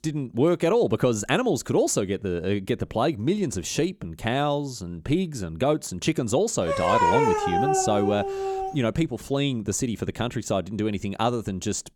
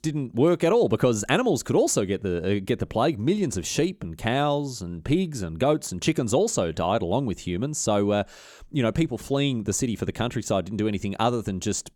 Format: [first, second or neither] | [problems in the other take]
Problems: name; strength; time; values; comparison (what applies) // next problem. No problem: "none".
second | dog barking; loud; from 6.5 to 8.5 s; peak 5 dB above the speech